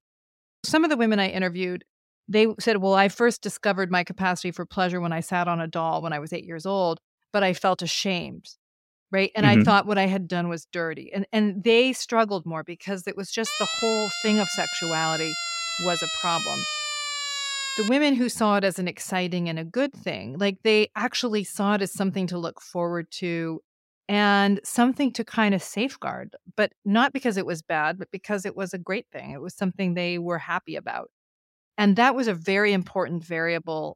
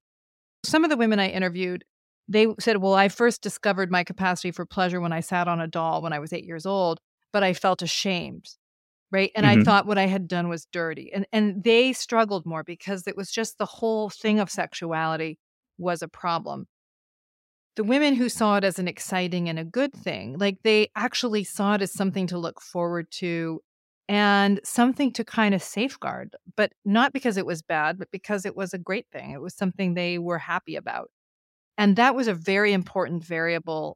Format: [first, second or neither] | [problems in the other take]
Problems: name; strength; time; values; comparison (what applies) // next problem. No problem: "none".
second | siren; noticeable; from 13 to 18 s; peak 1 dB below the speech